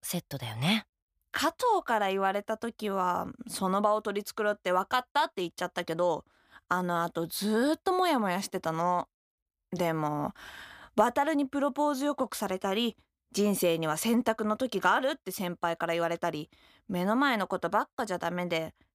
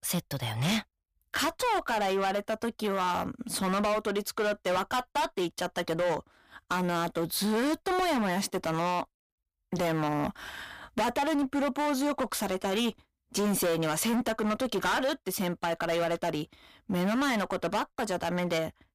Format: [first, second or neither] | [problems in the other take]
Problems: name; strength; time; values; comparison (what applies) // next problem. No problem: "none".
first | distortion; heavy; 18% of the sound clipped